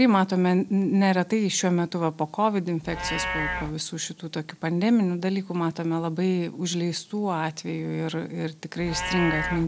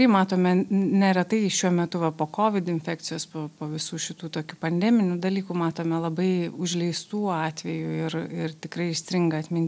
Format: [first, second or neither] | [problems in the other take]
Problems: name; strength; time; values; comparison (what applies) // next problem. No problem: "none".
second | background sound (Livestock, farm animals, working animals); 12 dB below the speech